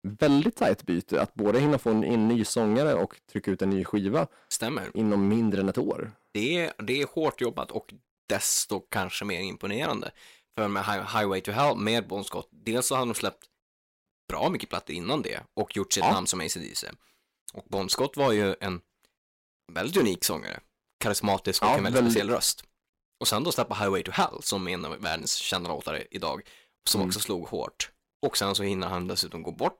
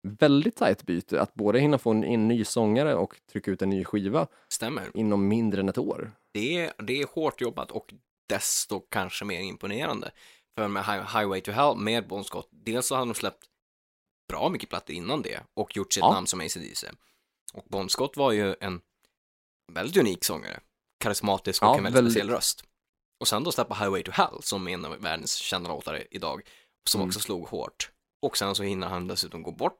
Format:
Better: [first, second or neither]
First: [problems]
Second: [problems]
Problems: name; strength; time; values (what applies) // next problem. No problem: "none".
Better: second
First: distortion; slight; 2% of the sound clipped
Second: none